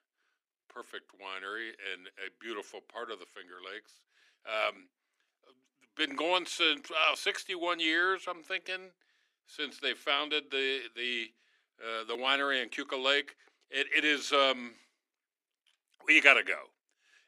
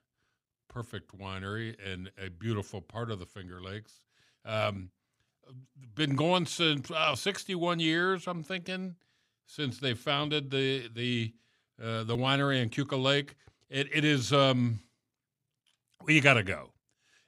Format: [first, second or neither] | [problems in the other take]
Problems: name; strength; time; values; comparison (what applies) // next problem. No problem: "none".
second | thin; very; fading below 300 Hz